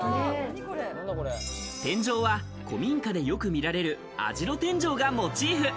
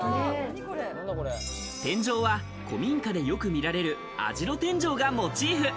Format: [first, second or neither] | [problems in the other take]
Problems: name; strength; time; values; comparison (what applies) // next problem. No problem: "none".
first | background sound (Bowed string instrument); 19 dB below the speech